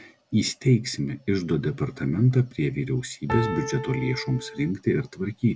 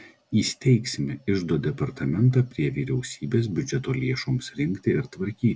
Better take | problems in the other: second | background sound (Piano); 7 dB below the speech

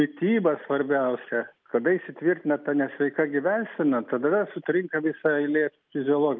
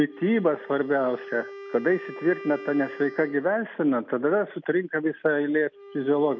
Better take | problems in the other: first | background sound (Wind instrument, woodwind instrument); 17 dB below the speech

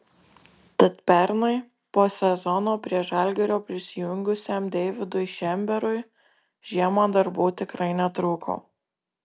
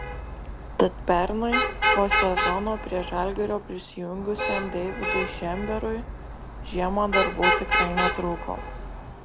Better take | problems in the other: first | background sound (Traffic noise, roadway noise / Vehicle horn, car horn, honking); as loud as the speech

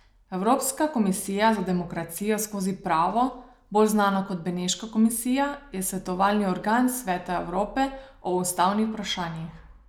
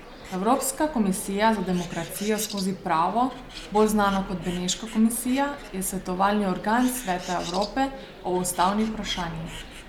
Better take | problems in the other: first | background sound (Bird); 15 dB below the speech

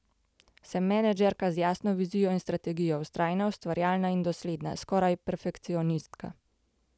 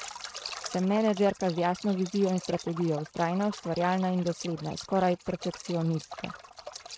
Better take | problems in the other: first | noise reduction (neural mask model RNNoise)

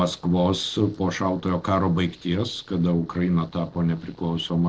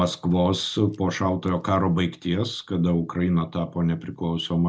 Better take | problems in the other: second | noise reduction (neural separator model SepFormer DNS4)

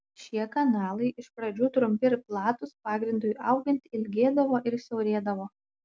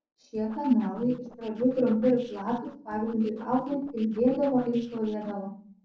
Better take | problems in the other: first | noise reduction (neural separator model SepFormer DNS4)

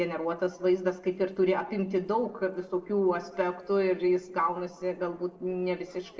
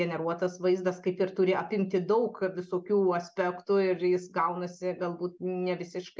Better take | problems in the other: second | noise reduction (neural separator model SepFormer DNS4)

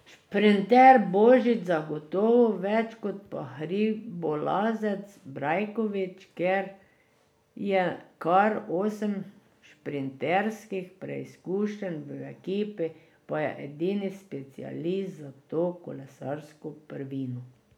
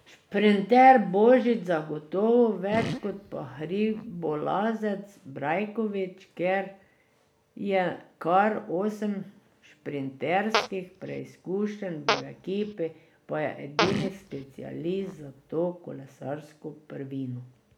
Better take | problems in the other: first | background sound (Fart + Fart); 7 dB below the speech

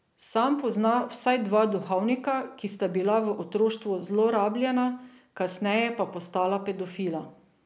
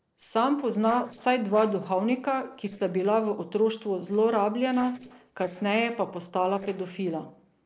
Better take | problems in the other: first | noise reduction (neural separator model SepFormer DNS4)

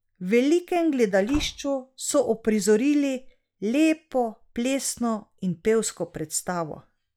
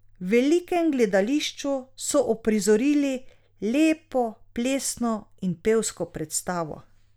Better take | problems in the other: second | noise reduction (classical method log-MMSE)

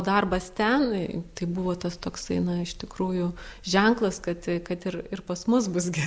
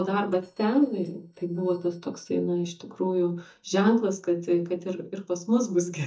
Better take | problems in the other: first | noise reduction (neural mask model DeepFilterNet 3)

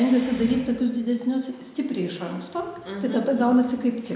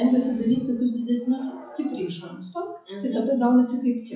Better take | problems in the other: first | noise reduction (classical method WPE with log-MMSE)

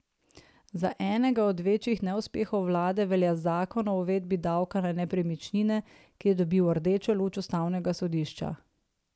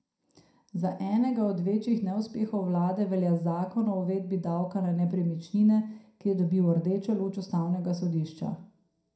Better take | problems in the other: first | room echo; dies away in 0.4 s

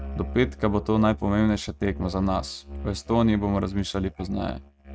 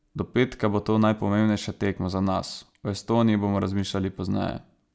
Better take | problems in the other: second | noise reduction (neural mask model RNNoise)

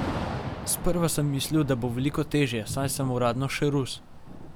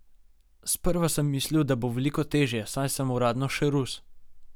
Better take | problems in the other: second | background sound (Thunder / Rain); 10 dB below the speech

